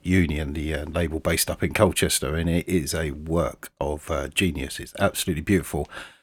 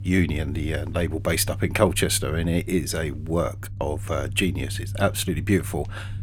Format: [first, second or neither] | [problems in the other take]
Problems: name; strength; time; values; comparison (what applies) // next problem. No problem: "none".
first | low rumble; faint; throughout; 20 dB below the speech